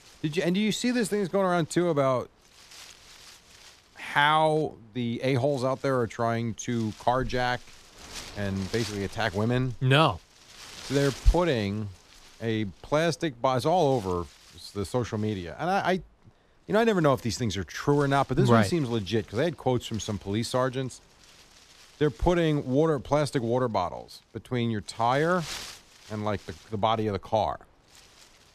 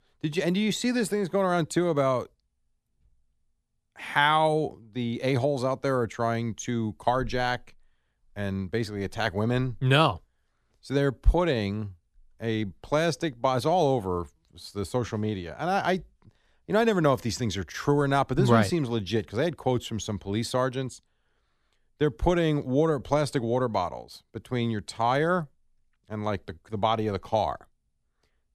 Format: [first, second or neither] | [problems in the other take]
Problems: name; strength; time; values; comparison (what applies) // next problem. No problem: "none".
second | wind noise on the microphone; occasional gusts; 20 dB below the speech